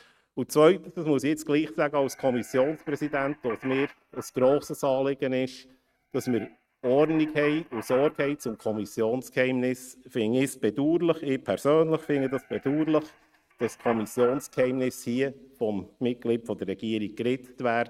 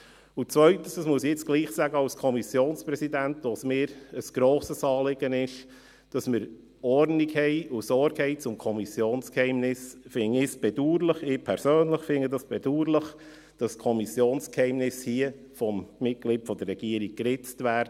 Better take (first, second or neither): second